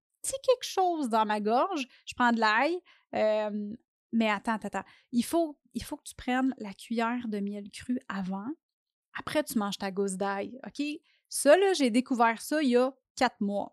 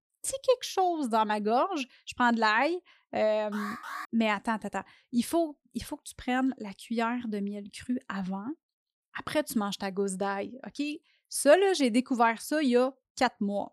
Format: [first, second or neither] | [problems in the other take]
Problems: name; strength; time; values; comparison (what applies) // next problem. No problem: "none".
first | alarm; noticeable; at 3.5 s; peak 9 dB below the speech